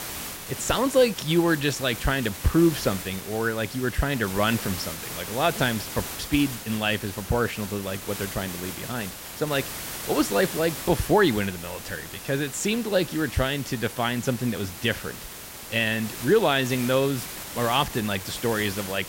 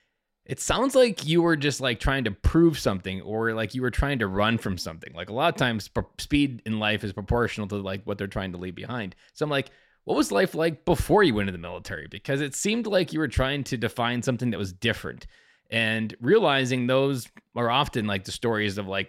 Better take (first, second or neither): second